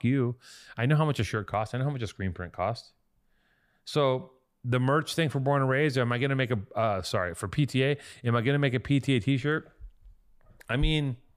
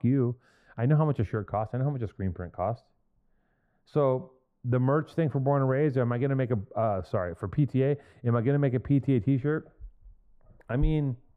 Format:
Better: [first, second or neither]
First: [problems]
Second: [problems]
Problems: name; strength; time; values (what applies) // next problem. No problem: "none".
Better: first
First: none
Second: muffled; very; fading above 2 kHz